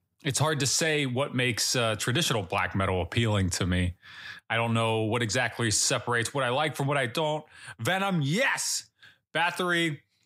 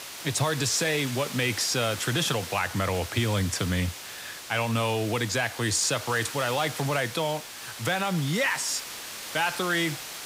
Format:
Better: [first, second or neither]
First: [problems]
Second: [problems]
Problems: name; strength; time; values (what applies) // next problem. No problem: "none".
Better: first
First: none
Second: hiss; loud; throughout; 9 dB below the speech